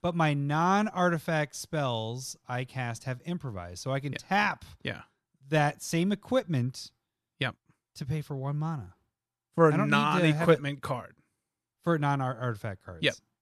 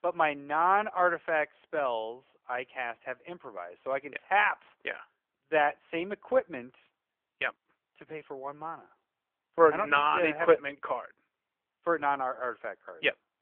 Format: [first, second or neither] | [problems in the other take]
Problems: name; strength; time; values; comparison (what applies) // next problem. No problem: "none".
first | phone-call audio